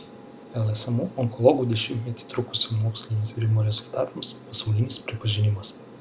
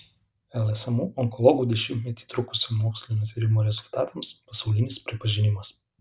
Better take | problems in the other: second | background sound (Aircraft); 19 dB below the speech

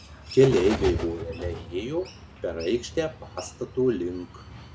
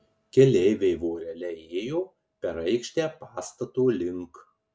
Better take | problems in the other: second | background sound (Bird); 10 dB below the speech

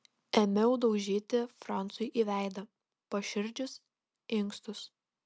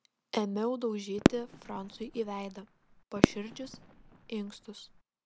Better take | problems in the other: first | background sound (Fireworks); 4 dB above the speech

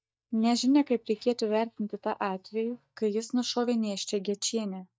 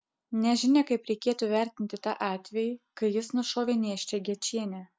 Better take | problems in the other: second | noise reduction (neural mask model DeepFilterNet 3)

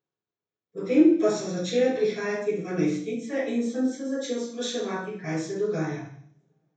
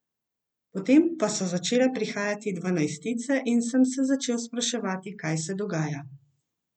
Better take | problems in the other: second | room echo; dies away in 0.6 s

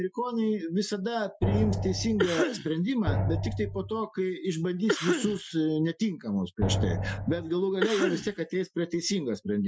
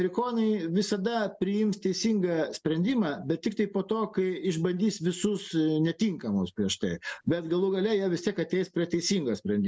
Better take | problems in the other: second | noise reduction (classical method Wiener filter)

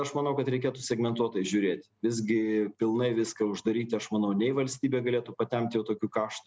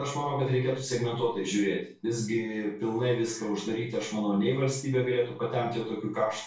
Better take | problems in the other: first | room echo; dies away in 0.3 s

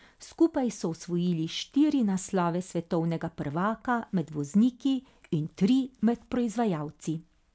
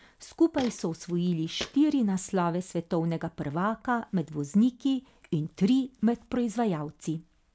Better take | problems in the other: first | background sound (Walk, footsteps); 16 dB below the speech

